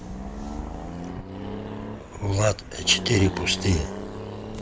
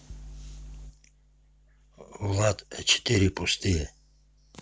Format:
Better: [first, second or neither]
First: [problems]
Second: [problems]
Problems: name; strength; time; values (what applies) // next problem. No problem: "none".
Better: second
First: background sound (Accelerating, revving, vroom); 7 dB below the speech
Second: none